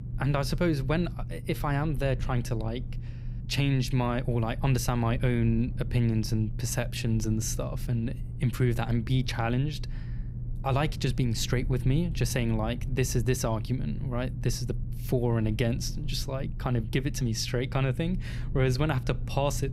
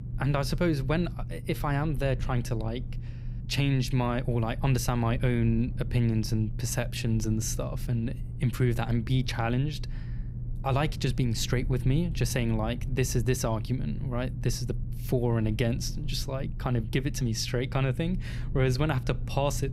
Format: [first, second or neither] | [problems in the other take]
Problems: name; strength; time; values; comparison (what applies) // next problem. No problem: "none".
neither | low rumble; noticeable; throughout; 15 dB below the speech; the same in both